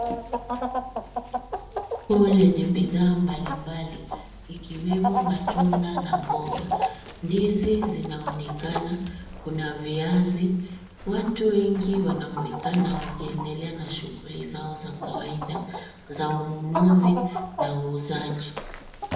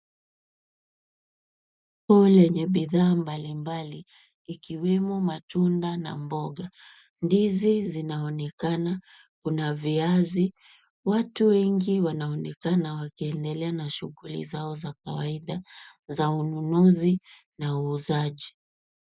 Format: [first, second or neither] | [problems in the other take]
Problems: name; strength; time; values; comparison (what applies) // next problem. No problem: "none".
second | background sound (Chicken, rooster); 7 dB below the speech // room echo; dies away in 0.7 s